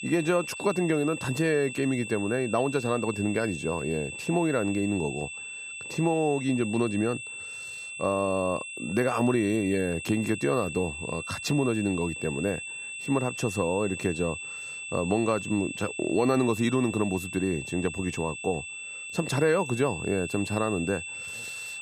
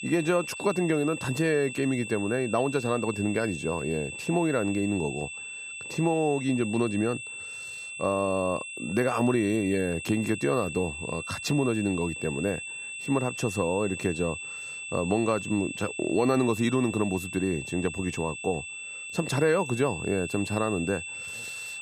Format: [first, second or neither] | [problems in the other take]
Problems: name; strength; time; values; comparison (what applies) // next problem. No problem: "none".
neither | high-pitched whine; loud; throughout; 2.5 kHz, 8 dB below the speech; the same in both